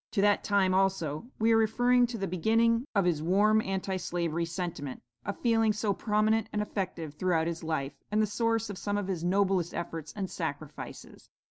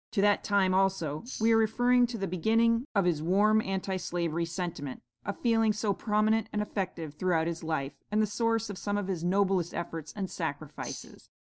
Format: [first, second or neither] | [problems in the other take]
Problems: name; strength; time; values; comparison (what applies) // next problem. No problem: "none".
first | background sound (Tambourine); 14 dB below the speech